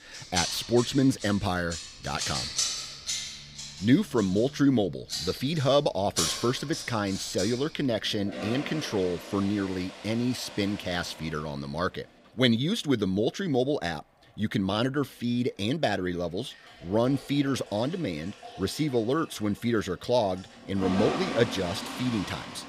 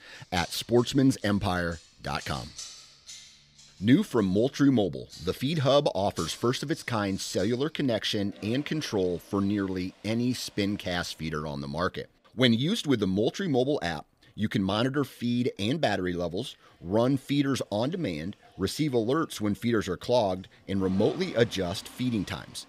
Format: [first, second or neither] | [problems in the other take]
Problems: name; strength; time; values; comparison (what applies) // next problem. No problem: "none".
second | household noises; loud; throughout; 7 dB below the speech; faint in the second